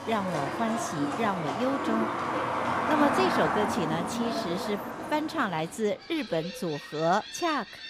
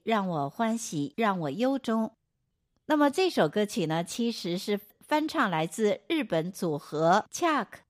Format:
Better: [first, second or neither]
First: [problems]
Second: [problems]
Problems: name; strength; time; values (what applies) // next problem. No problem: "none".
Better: second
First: animal sounds; loud; throughout; 1 dB below the speech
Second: none